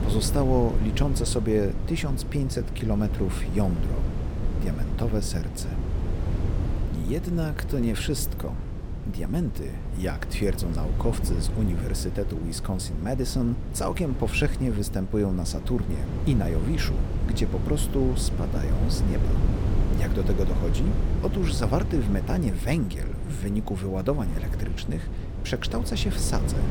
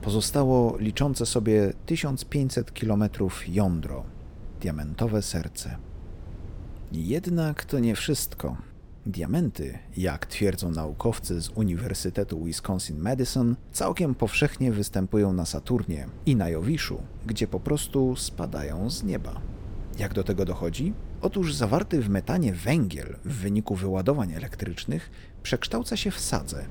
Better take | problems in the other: second | wind noise on the microphone; heavy; 7 dB below the speech; occasional gusts in the second

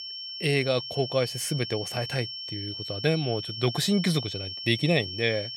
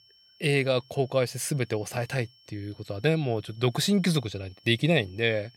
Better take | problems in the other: second | high-pitched whine; loud; throughout; 5.5 kHz, 7 dB below the speech; faint in the second

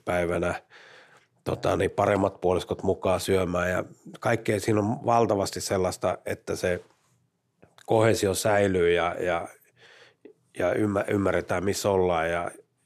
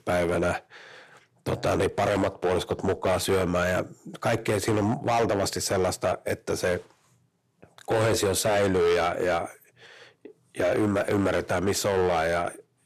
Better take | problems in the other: first | distortion; heavy; 10% of the sound clipped

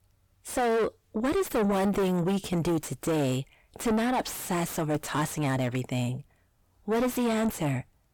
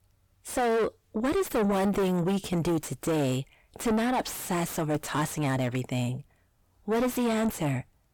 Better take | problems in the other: neither | distortion; heavy; 5 dB below the speech; the same in both

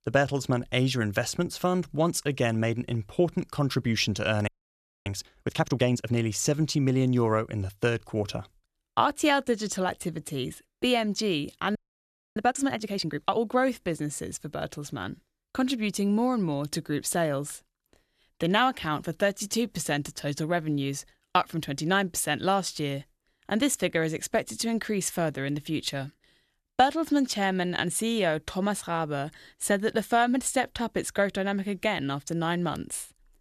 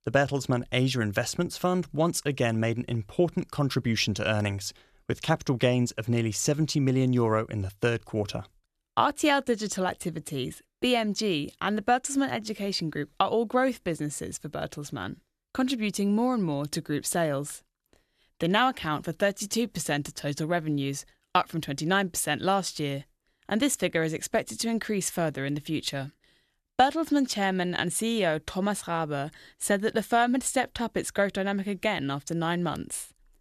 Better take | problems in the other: second | audio freezing; at 4.5 s for 0.5 s and at 12 s for 0.5 s

